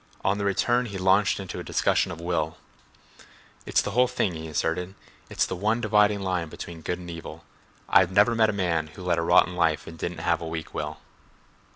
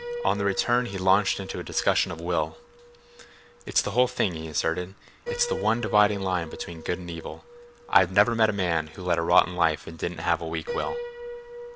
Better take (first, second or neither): first